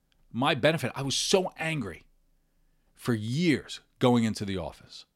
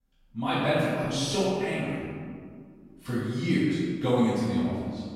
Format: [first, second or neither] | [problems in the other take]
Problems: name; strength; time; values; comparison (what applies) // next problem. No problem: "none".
first | off-mic speech; far // room echo; strong; dies away in 1.9 s